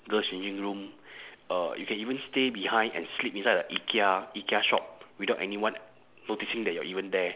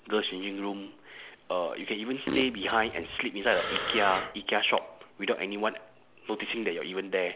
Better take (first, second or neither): first